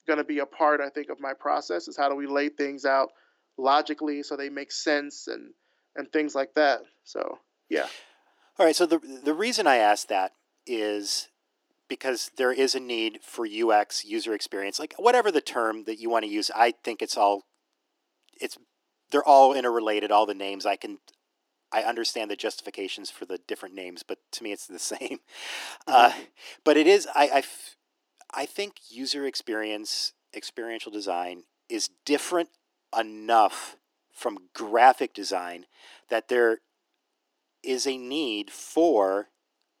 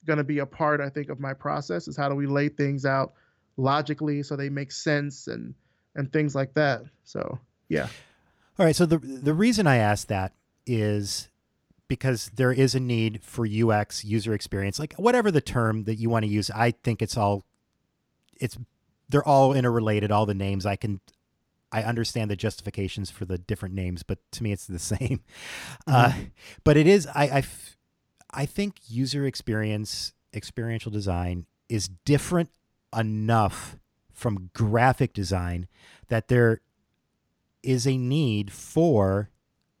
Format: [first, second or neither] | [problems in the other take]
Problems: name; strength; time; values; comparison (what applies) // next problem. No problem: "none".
second | thin; very; fading below 300 Hz